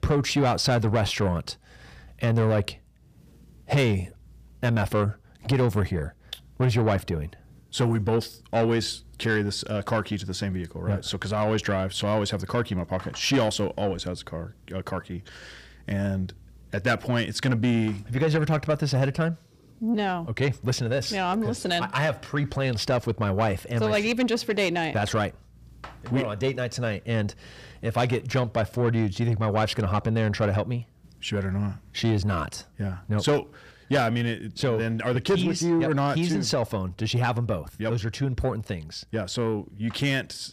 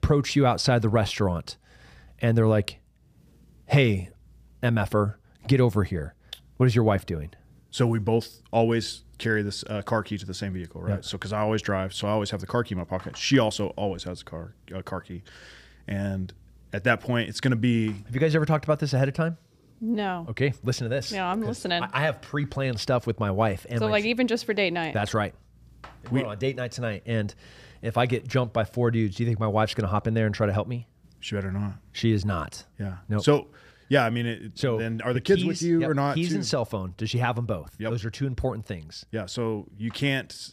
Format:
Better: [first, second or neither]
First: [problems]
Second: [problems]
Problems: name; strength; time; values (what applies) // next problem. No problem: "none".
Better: second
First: distortion; slight; 10 dB below the speech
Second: none